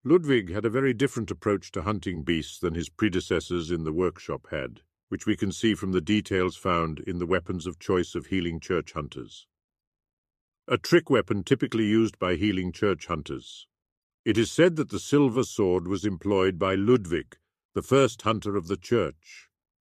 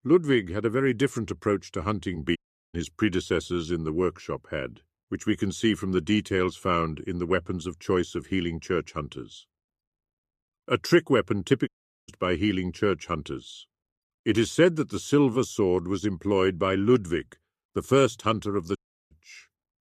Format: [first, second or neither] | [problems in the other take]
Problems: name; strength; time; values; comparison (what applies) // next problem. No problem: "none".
first | audio cutting out; at 2.5 s, at 12 s and at 19 s